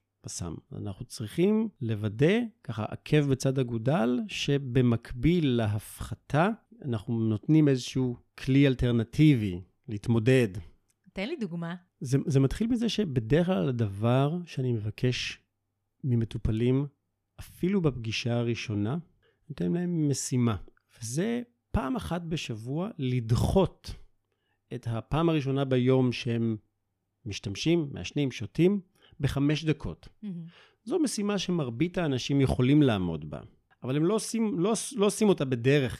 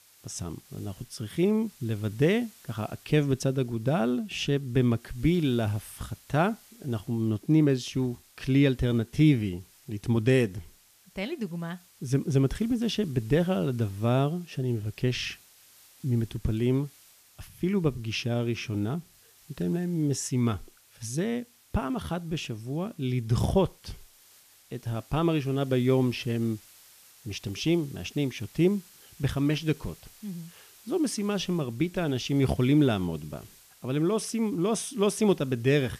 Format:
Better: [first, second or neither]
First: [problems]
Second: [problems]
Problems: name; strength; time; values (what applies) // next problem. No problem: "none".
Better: first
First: none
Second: hiss; faint; throughout; 25 dB below the speech